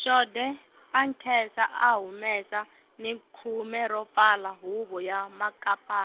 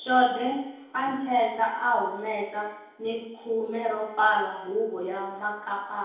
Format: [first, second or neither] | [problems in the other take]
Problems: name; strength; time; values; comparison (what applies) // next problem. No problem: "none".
first | room echo; dies away in 2.2 s